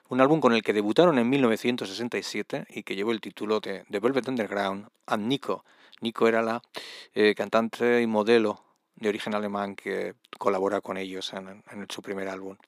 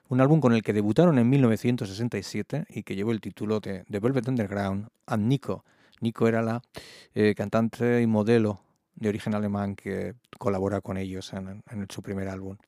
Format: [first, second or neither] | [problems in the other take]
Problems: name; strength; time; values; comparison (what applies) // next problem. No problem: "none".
second | thin; somewhat; fading below 350 Hz